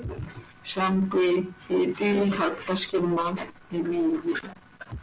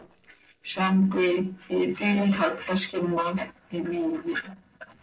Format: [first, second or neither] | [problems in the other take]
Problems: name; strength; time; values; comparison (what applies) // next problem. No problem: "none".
first | noise reduction (neural separator model SepFormer DNS4)